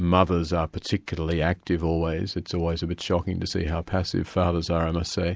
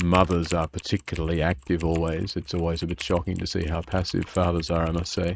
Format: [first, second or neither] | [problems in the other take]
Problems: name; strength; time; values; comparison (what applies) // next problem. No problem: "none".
first | noise reduction (neural mask model RNNoise)